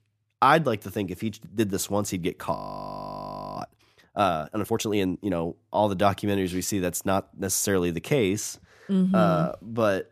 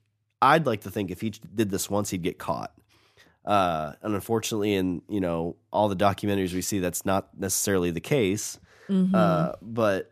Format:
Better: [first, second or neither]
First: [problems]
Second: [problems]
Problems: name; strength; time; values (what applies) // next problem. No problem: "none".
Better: second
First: audio freezing; at 2.5 s for 1 s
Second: none